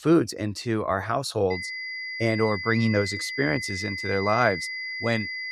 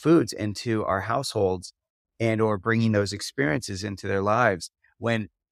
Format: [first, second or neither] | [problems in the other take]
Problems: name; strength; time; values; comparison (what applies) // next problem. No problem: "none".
second | high-pitched whine; loud; from 1.5 s on; 2 kHz, 5 dB below the speech